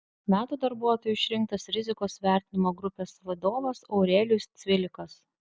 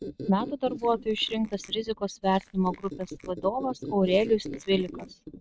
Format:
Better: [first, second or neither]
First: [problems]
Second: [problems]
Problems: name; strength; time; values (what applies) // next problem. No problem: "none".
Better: first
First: none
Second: noise reduction (neural mask model RNNoise)